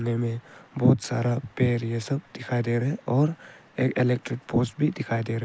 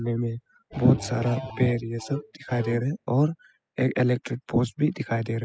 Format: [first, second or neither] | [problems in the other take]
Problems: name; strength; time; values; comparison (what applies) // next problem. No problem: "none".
first | noise reduction (classical method spectral subtraction)